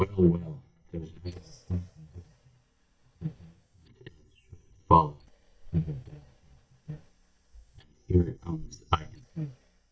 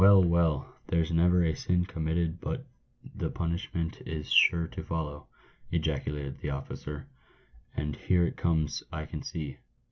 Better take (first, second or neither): second